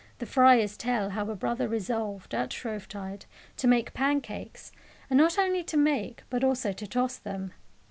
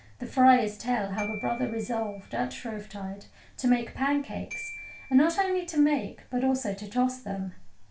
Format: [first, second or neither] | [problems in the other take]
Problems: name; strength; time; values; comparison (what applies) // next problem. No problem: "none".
first | background sound (Glockenspiel); 19 dB below the speech // room echo; dies away in 0.3 s